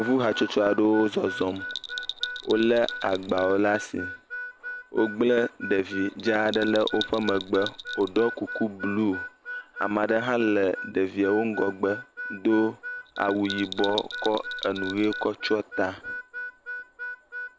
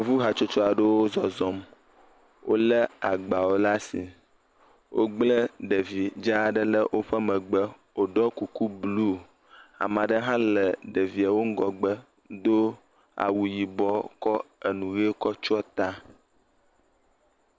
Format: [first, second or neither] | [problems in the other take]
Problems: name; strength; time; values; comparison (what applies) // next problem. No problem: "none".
second | background sound (Harmonica + Bell); 10 dB below the speech